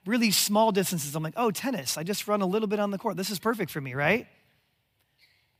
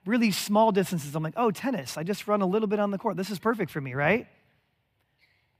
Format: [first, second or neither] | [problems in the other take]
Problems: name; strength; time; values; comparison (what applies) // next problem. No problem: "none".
first | muffled; slightly; fading above 3 kHz